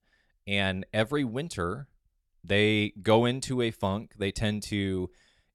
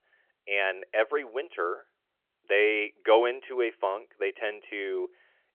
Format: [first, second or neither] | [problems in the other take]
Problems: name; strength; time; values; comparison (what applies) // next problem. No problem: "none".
first | phone-call audio; nothing above 3 kHz